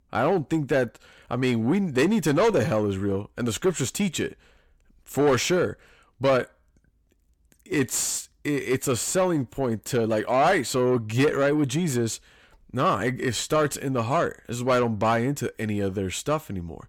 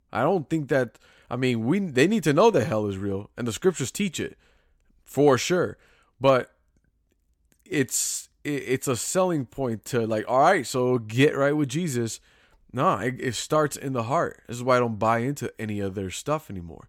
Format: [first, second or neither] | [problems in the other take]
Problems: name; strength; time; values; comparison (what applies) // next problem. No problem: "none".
second | distortion; slight; 10 dB below the speech